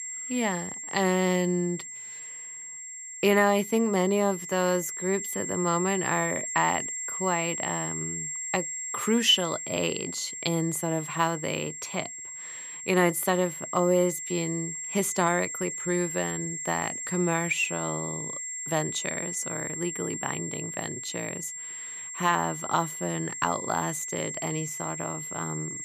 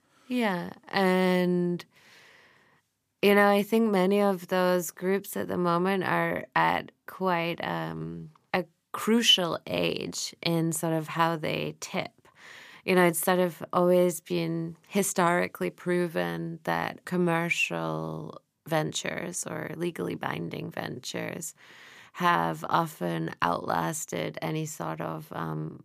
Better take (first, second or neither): second